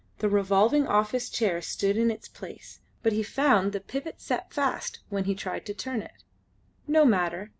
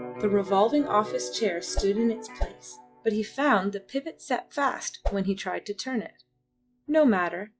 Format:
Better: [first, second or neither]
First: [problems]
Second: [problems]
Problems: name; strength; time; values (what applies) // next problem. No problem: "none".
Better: first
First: none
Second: noise reduction (classical method log-MMSE)